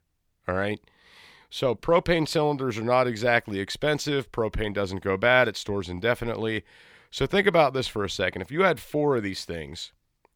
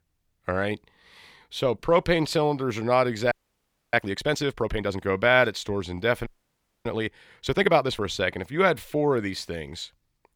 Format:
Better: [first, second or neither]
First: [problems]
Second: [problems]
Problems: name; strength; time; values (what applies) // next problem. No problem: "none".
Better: first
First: none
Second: audio freezing; at 3.5 s for 0.5 s and at 6.5 s for 0.5 s